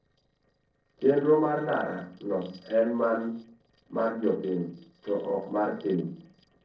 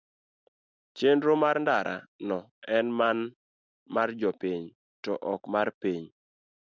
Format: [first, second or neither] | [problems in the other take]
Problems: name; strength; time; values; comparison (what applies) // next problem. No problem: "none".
second | noise reduction (neural separator model SepFormer DNS4)